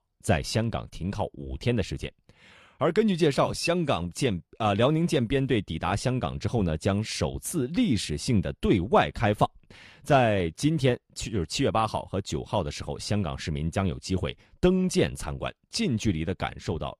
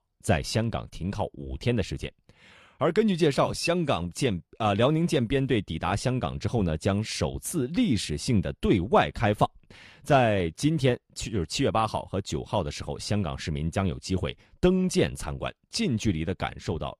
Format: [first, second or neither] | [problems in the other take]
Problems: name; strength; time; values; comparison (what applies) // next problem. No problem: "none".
neither | none